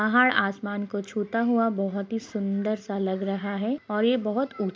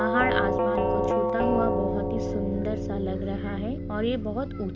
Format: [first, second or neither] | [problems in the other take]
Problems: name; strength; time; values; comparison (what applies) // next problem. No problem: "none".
first | background sound (Doorbell); 3 dB above the speech